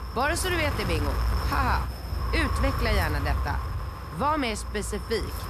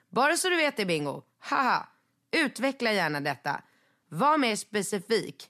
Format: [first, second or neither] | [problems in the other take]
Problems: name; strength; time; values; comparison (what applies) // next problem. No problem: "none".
second | wind noise on the microphone; heavy; 7 dB below the speech